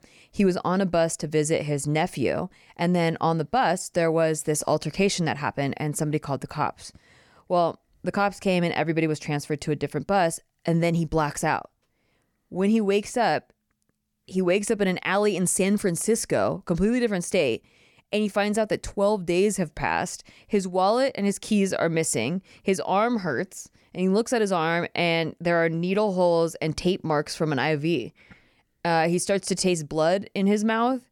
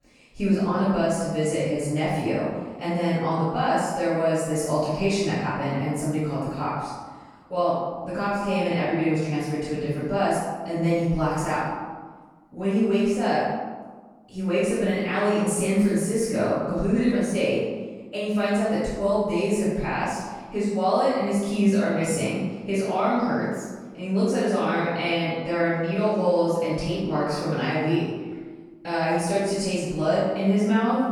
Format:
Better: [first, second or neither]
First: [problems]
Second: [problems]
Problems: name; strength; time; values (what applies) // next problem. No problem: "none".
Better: first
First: none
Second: room echo; strong; dies away in 1.3 s // off-mic speech; far